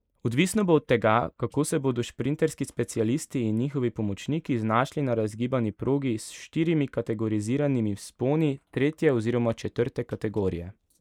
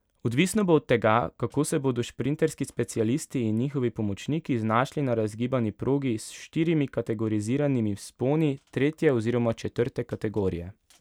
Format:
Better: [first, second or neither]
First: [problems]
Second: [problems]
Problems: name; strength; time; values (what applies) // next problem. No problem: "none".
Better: second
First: noise reduction (neural mask model Resemble Enhance denoiser)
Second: none